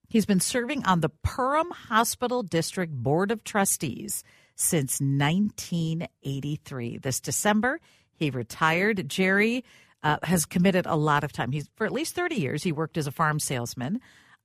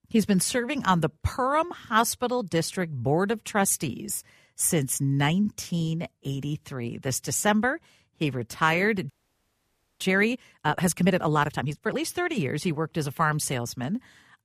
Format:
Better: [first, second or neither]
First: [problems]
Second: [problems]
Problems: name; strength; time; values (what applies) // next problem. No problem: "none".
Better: first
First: none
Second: audio freezing; at 9 s for 1 s